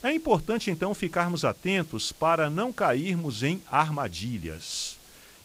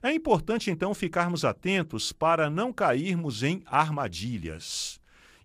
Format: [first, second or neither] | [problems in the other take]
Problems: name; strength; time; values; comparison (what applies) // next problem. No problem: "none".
second | hiss; faint; throughout; 25 dB below the speech